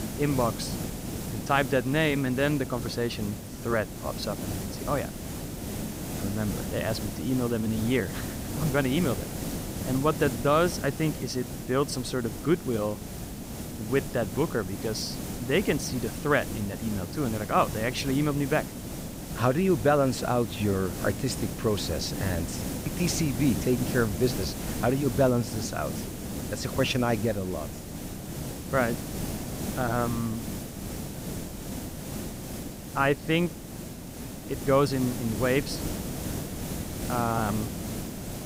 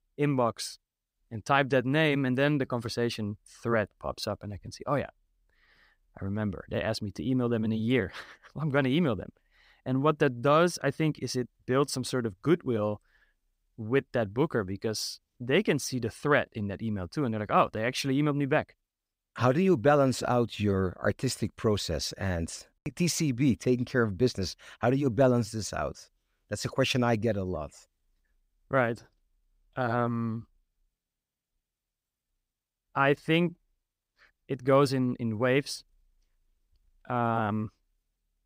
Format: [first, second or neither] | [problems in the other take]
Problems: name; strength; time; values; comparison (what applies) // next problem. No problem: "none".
second | hiss; loud; throughout; 7 dB below the speech